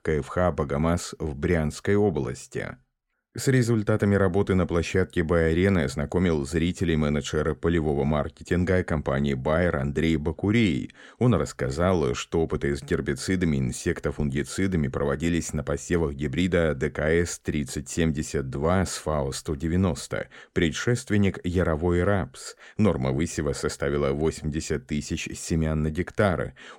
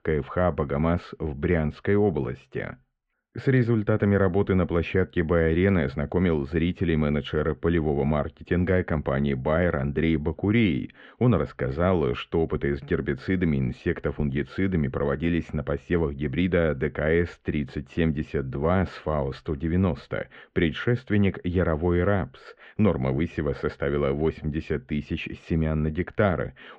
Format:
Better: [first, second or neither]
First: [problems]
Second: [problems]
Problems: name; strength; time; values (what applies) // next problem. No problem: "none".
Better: first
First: none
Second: muffled; very; fading above 3 kHz